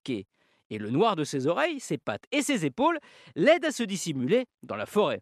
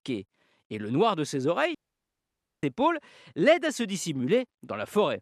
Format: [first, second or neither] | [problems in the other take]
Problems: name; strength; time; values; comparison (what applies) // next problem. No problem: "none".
first | audio cutting out; at 2 s for 1 s